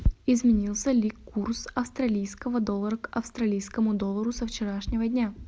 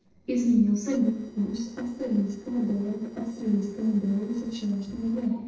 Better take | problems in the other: first | noise reduction (neural separator model SepFormer DNS4)

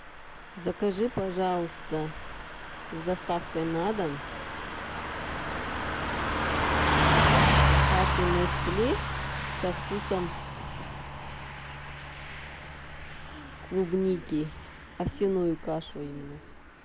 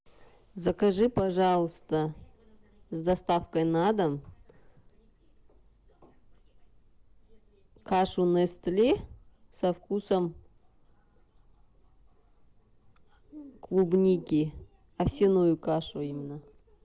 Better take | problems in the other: second | background sound (Car passing by / Truck); 3 dB above the speech

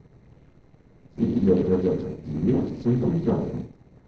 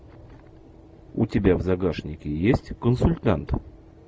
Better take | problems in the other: second | noise reduction (neural separator model SepFormer DNS4)

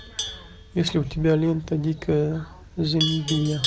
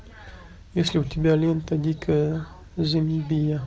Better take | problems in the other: second | background sound (Livestock, farm animals, working animals); 10 dB below the speech

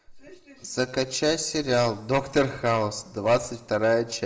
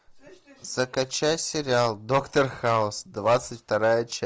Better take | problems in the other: second | room echo; dies away in 0.9 s

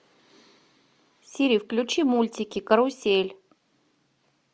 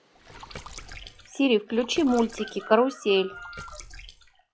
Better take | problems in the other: first | noise reduction (classical method log-MMSE)

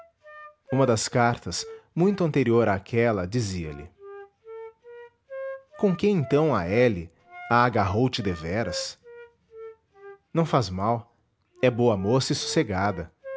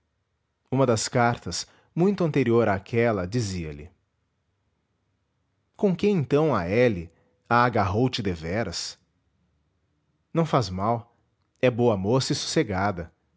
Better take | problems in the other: second | background sound (Wind instrument, woodwind instrument); 17 dB below the speech

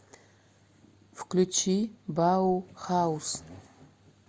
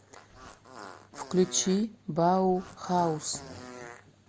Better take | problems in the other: first | background sound (Fart); 18 dB below the speech

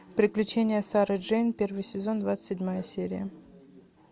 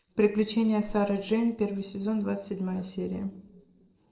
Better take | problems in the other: first | noise reduction (neural separator model SepFormer DNS4)

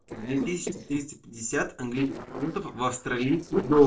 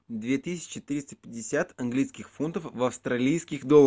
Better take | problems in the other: second | noise reduction (neural separator model SepFormer DNS4)

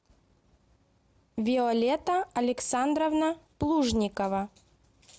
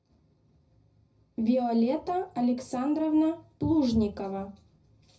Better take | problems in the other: first | room echo; dies away in 0.4 s

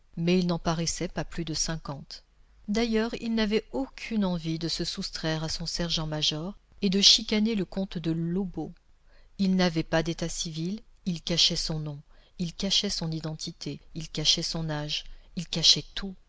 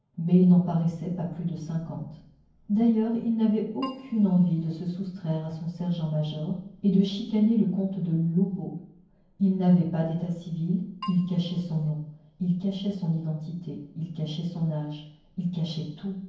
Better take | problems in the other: first | background sound (Keyboard (musical)); 17 dB below the speech // room echo; dies away in 0.9 s

